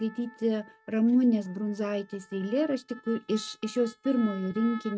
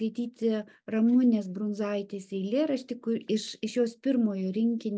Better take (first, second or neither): second